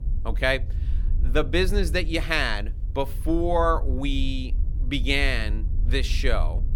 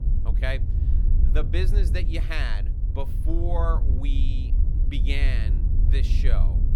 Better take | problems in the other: first | low rumble; loud; throughout; 9 dB below the speech; faint in the first

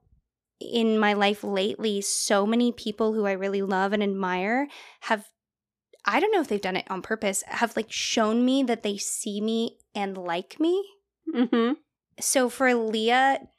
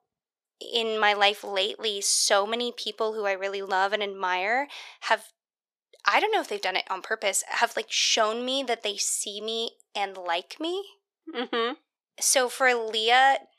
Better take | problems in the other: first | thin; very; fading below 600 Hz

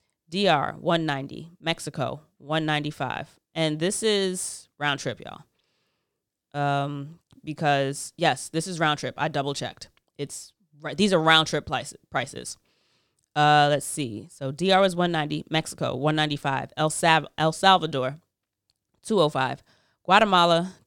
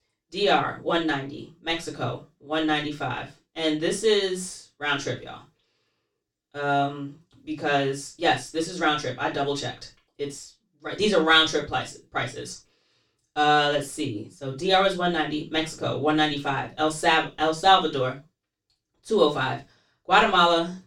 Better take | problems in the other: first | room echo; slight; dies away in 0.2 s // off-mic speech; far

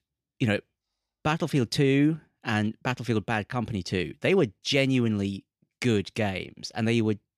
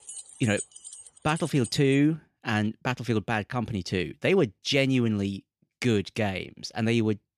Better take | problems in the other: first | jangling keys; faint; until 2 s; peak 10 dB below the speech

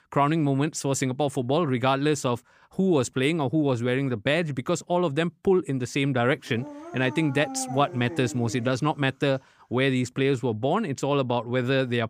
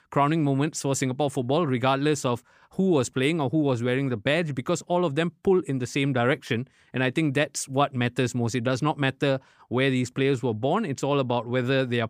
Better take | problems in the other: second | dog barking; noticeable; from 6.5 to 9 s; peak 10 dB below the speech

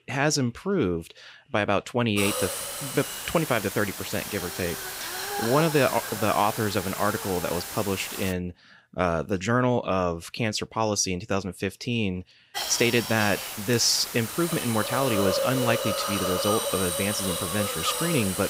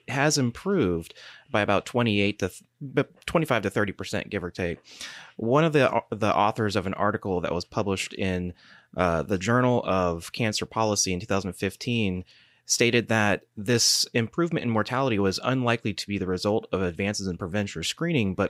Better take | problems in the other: second | hiss; loud; from 2 to 8.5 s and from 13 s on; 4 dB below the speech

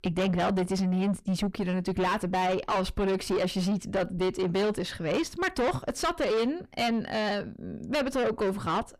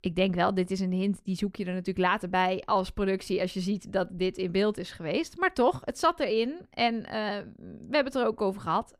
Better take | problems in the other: second | distortion; heavy; 5 dB below the speech

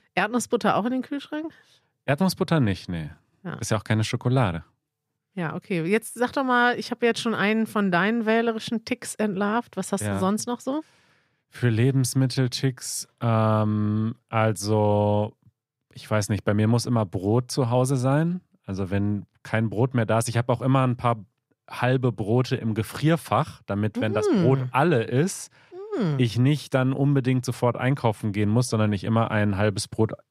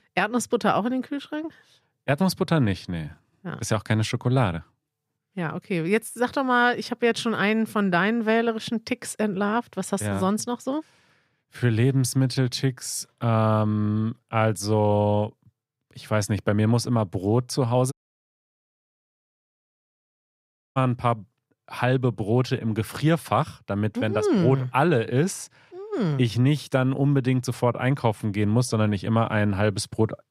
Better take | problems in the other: first | audio cutting out; at 18 s for 3 s

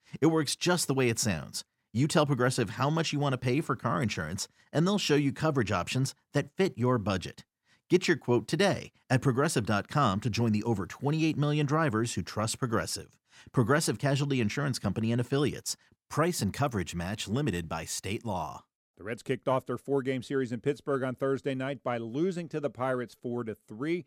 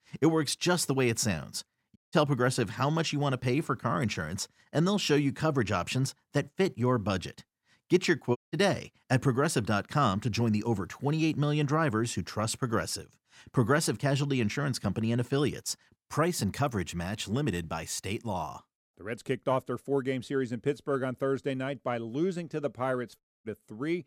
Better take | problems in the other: first | audio cutting out; at 2 s, at 8.5 s and at 23 s

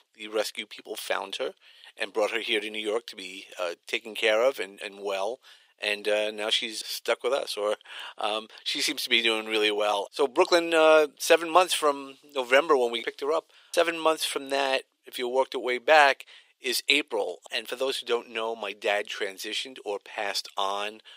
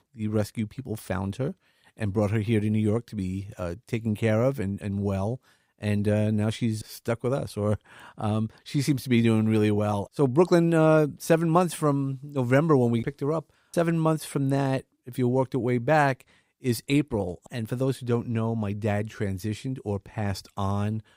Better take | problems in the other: second | thin; very; fading below 450 Hz

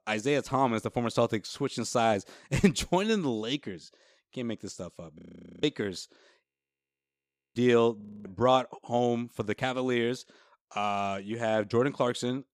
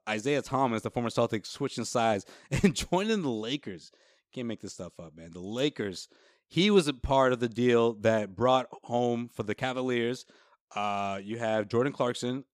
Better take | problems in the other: second | audio freezing; at 5 s, at 6.5 s for 1 s and at 8 s

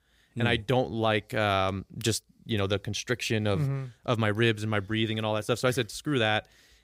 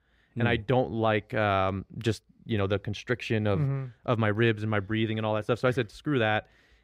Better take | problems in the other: first | muffled; slightly; fading above 4 kHz

